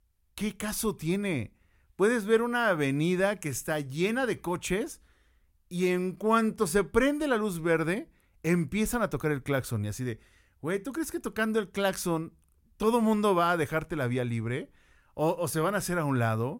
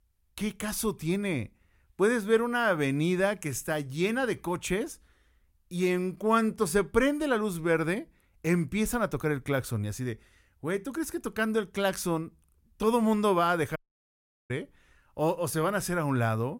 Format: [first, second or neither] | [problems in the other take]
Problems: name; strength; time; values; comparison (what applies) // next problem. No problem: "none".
first | audio cutting out; at 14 s for 0.5 s